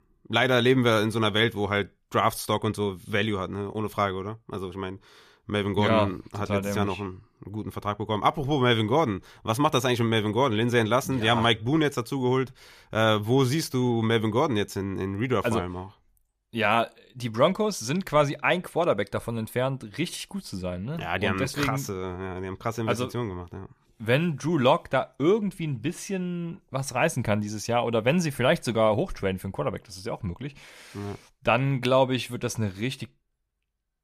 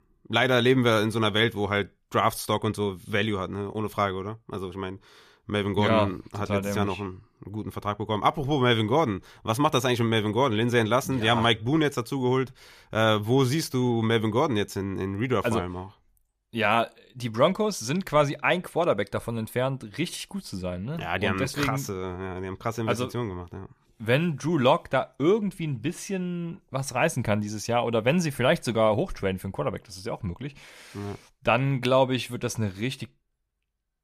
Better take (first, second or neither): neither